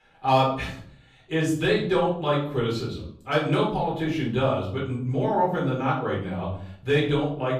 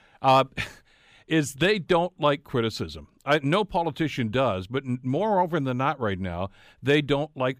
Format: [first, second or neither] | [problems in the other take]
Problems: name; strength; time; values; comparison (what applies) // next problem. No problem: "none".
second | off-mic speech; far // room echo; noticeable; dies away in 0.6 s